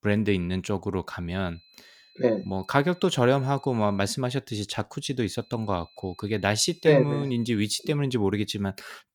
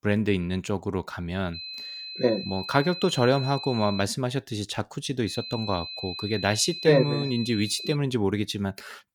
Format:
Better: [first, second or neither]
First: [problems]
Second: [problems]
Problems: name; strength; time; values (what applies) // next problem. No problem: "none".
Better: first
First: high-pitched whine; faint; from 1.5 to 4 s and from 5.5 to 8 s; 4 kHz, 30 dB below the speech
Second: high-pitched whine; loud; from 1.5 to 4 s and from 5.5 to 8 s; 4 kHz, 9 dB below the speech